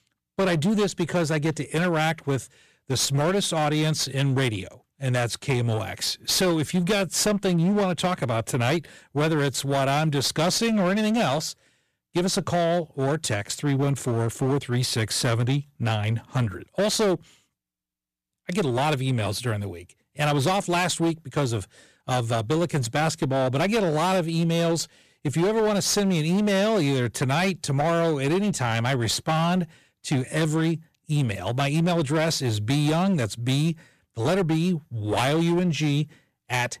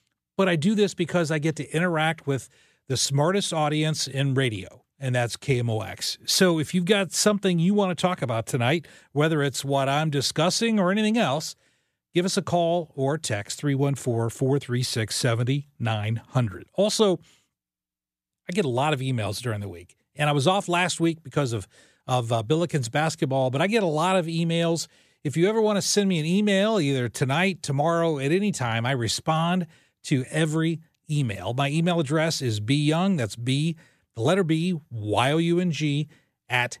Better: second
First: distortion; slight; 17% of the sound clipped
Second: none

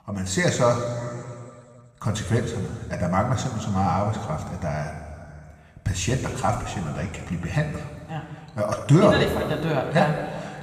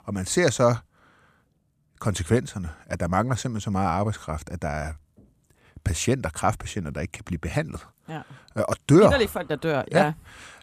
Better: second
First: room echo; noticeable; dies away in 2.2 s // off-mic speech; somewhat distant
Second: none

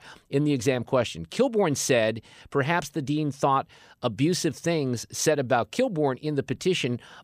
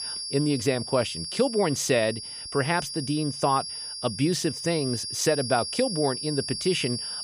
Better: first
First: none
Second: high-pitched whine; loud; throughout; 5 kHz, 6 dB below the speech

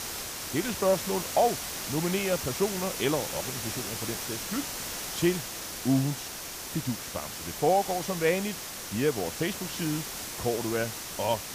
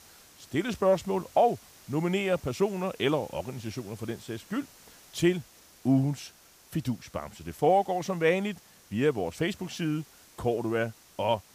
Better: second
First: hiss; loud; throughout; 4 dB below the speech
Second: hiss; faint; throughout; 25 dB below the speech

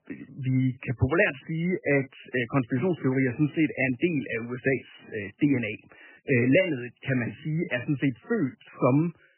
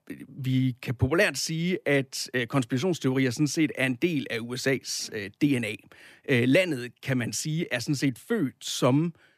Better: second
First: garbled, watery; badly; nothing above 3 kHz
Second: none

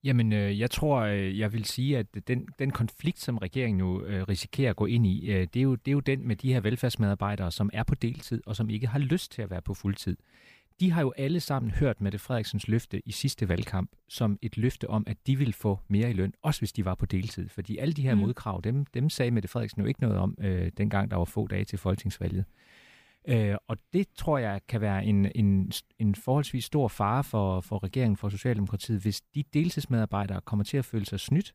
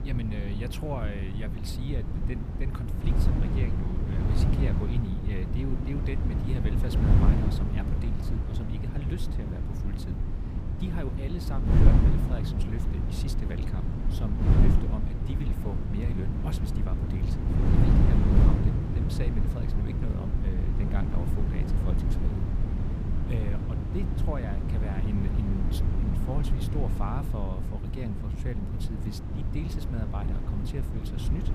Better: first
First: none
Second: wind noise on the microphone; heavy; 2 dB above the speech

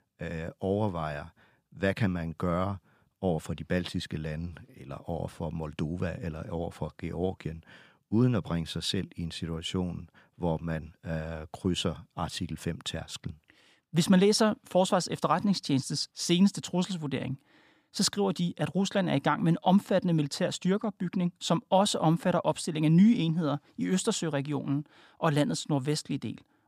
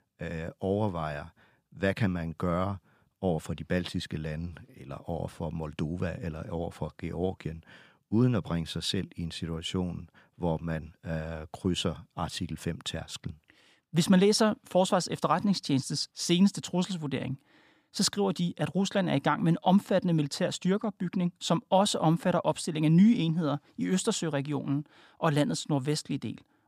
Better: neither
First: none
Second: none

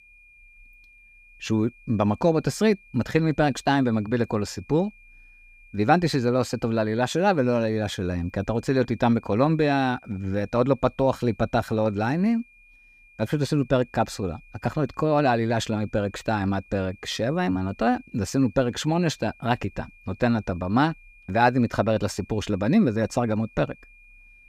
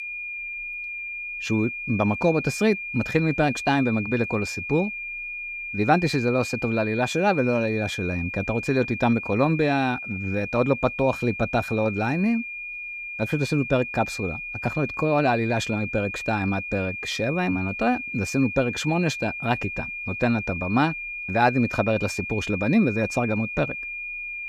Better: first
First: high-pitched whine; faint; throughout; 2.5 kHz, 30 dB below the speech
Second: high-pitched whine; loud; throughout; 2.5 kHz, 6 dB below the speech

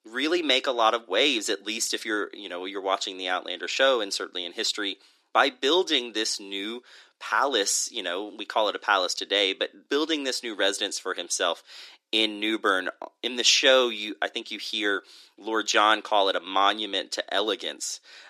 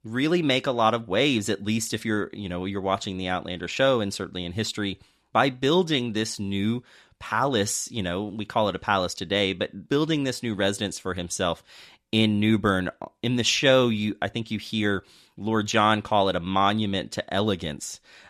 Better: second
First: thin; somewhat; fading below 300 Hz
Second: none

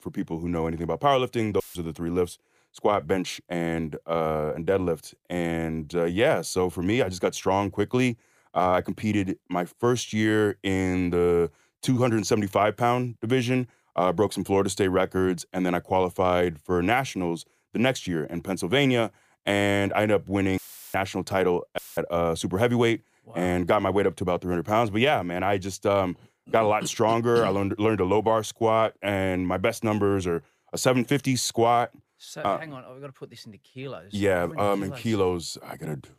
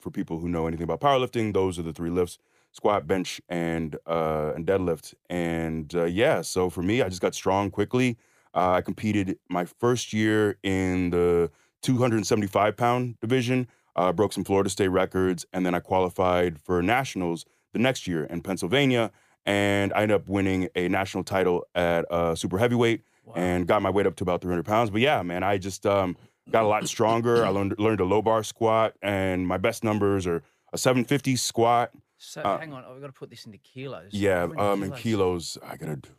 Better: second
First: audio cutting out; filled with static; at 1.5 s, at 21 s and at 22 s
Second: none

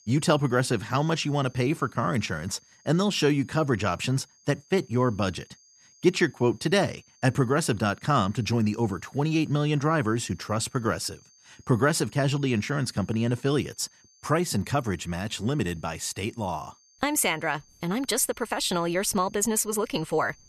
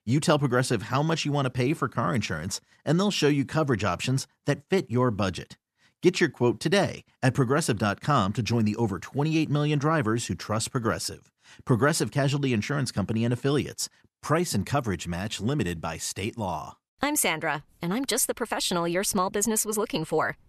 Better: second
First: high-pitched whine; faint; throughout; 6.5 kHz, 30 dB below the speech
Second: none

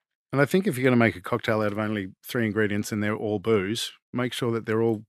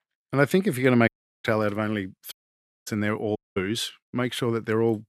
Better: first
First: none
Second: audio cutting out; at 1 s, at 2.5 s for 0.5 s and at 3.5 s

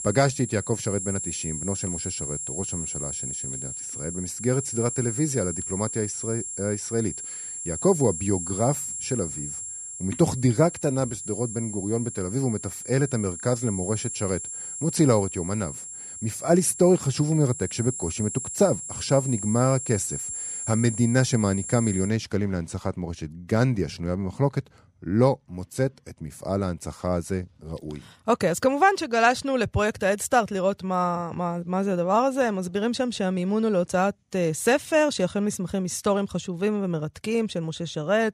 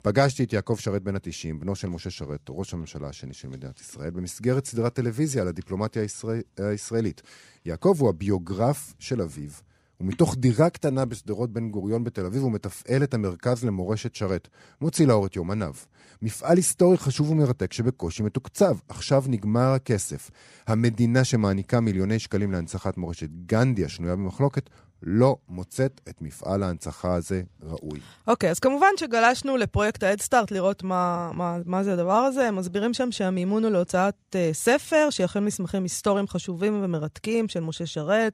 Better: second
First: high-pitched whine; loud; until 22 s; 7.5 kHz, 6 dB below the speech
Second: none

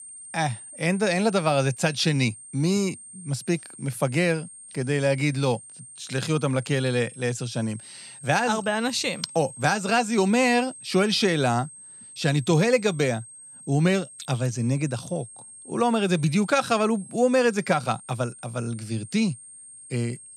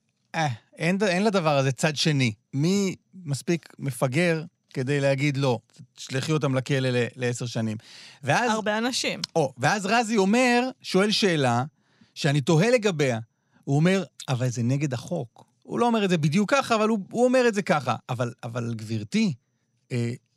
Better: second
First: high-pitched whine; noticeable; throughout; 8.5 kHz, 15 dB below the speech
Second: none

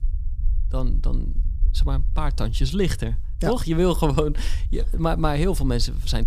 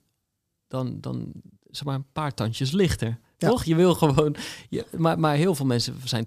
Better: second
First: low rumble; faint; throughout; 25 dB below the speech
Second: none

